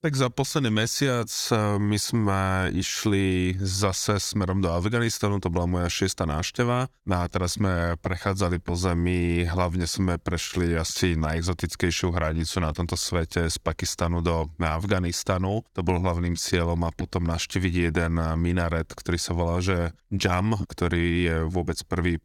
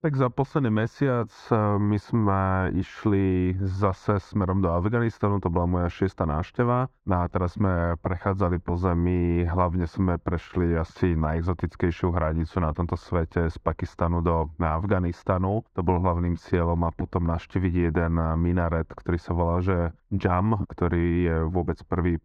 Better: first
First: none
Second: muffled; very; fading above 3.5 kHz

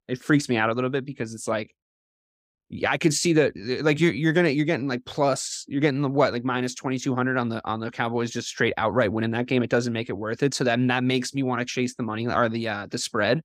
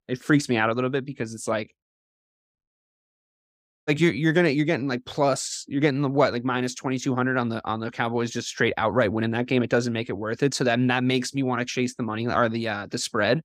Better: first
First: none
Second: audio cutting out; at 2.5 s for 1 s

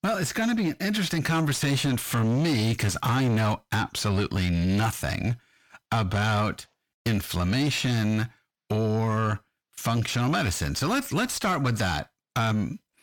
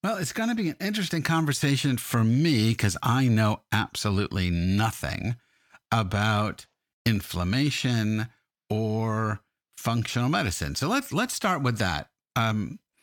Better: second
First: distortion; slight; 10 dB below the speech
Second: none

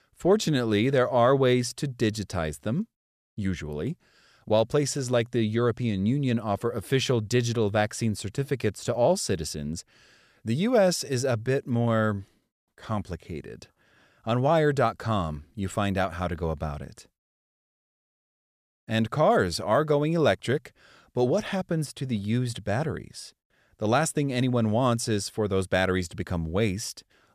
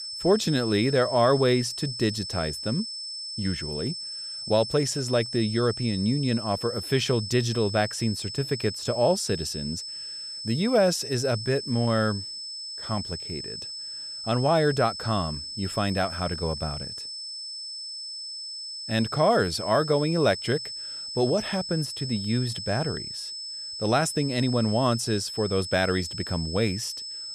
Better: first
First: none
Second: high-pitched whine; loud; throughout; 5.5 kHz, 7 dB below the speech

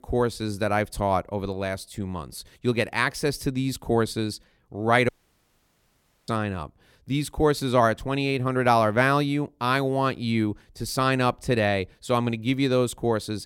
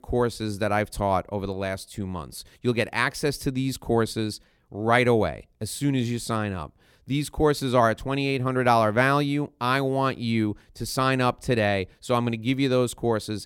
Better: second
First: audio cutting out; at 5 s for 1 s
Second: none

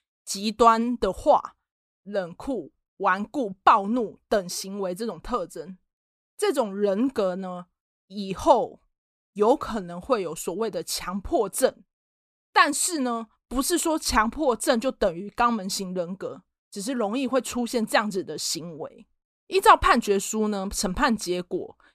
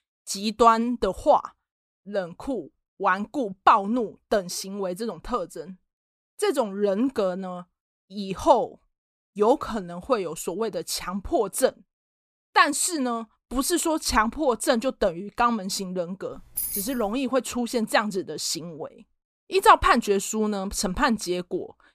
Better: first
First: none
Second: jangling keys; noticeable; at 16 s; peak 3 dB below the speech

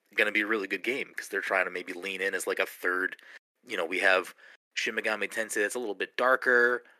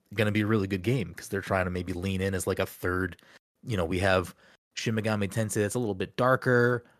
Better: second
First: thin; very; fading below 300 Hz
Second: none

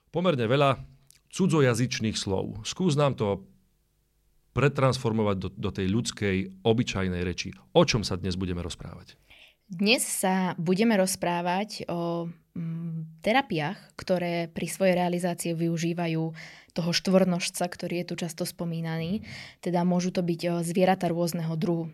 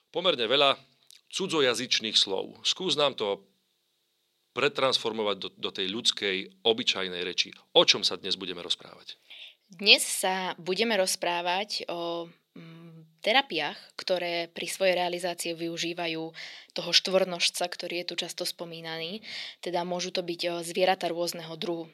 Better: first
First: none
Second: thin; somewhat; fading below 400 Hz

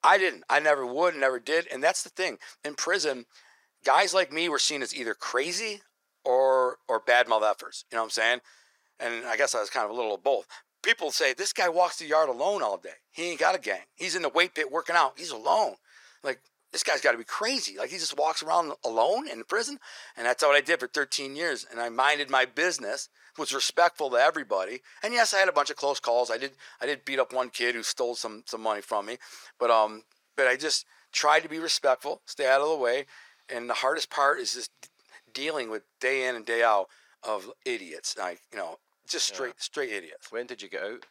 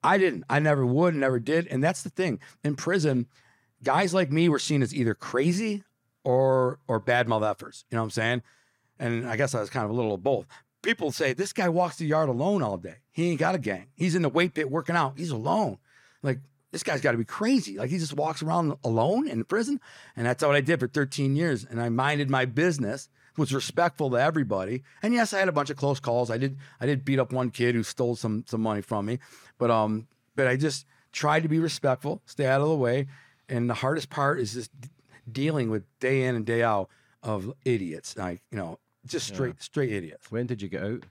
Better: second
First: thin; very; fading below 500 Hz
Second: none

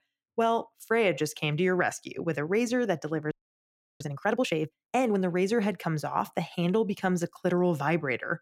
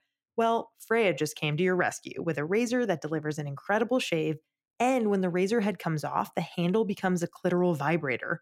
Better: second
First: audio freezing; at 3.5 s for 0.5 s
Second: none

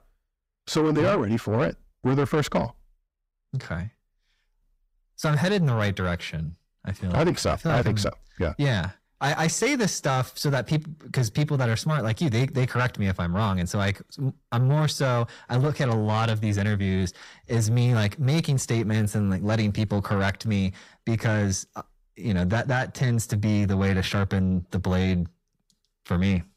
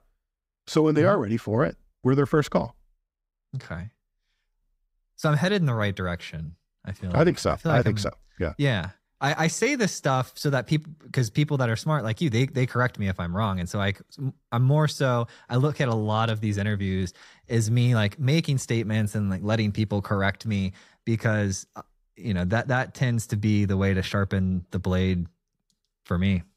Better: second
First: distortion; slight; 10 dB below the speech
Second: none

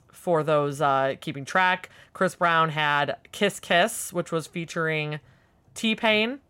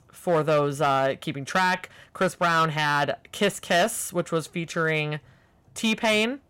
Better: first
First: none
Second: distortion; slight; 5% of the sound clipped

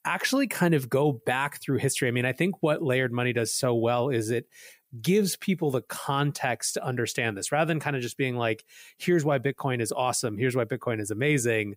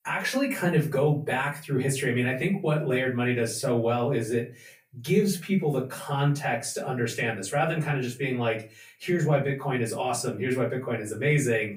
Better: first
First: none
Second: off-mic speech; far // room echo; very slight; dies away in 0.3 s

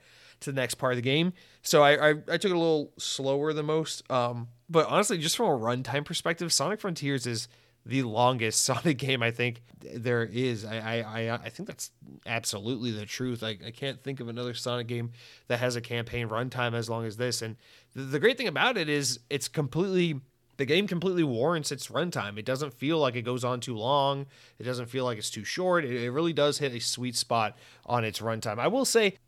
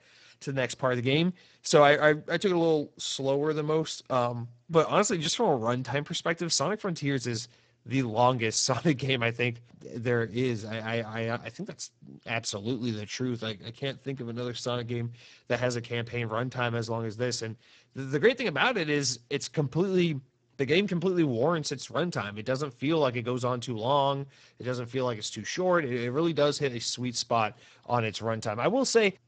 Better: first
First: none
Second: garbled, watery; badly; nothing above 8 kHz

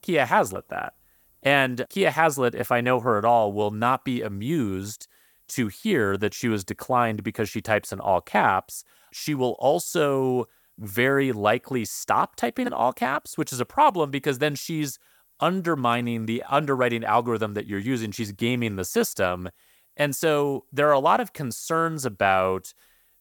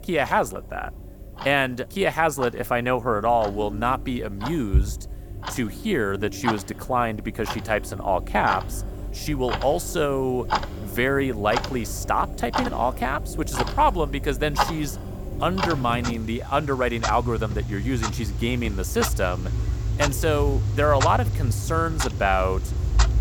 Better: first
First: none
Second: household noises; loud; throughout; 4 dB below the speech

